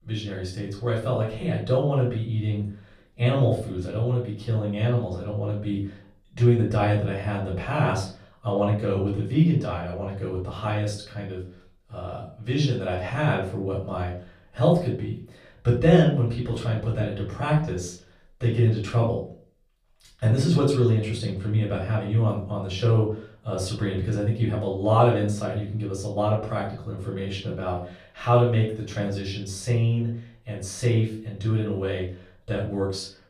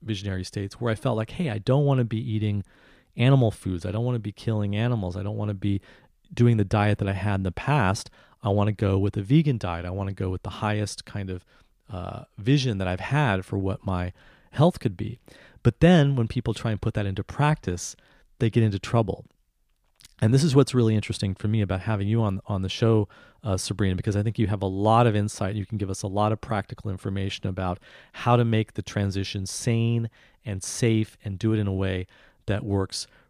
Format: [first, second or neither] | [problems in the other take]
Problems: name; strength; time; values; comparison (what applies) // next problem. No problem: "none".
second | room echo; slight; dies away in 0.4 s // off-mic speech; far